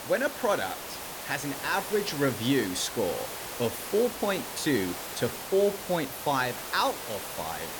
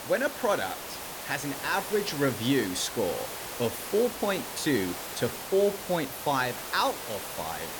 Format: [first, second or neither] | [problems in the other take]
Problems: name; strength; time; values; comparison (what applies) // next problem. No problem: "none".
neither | hiss; loud; throughout; 7 dB below the speech; the same in both